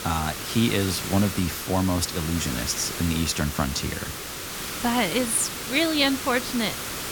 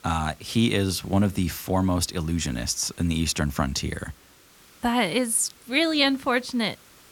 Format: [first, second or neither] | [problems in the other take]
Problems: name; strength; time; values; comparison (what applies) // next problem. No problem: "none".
second | hiss; loud; throughout; 6 dB below the speech; faint in the second